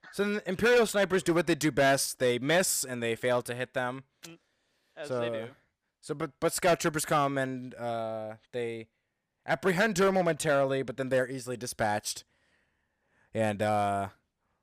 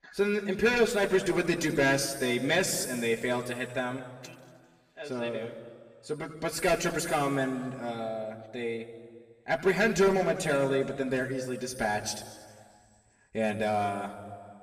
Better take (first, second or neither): first